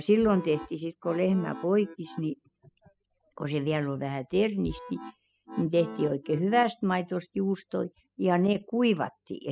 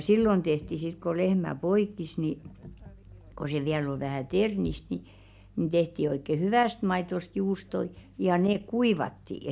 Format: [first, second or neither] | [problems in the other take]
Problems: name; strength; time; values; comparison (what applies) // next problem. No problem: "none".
second | noise reduction (classical method spectral subtraction)